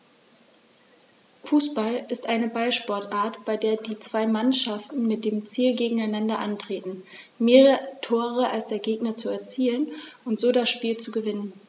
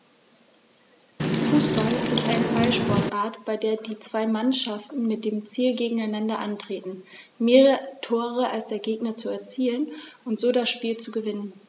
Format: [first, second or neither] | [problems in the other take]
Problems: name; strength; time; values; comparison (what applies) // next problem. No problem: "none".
first | background sound (Wind); 2 dB above the speech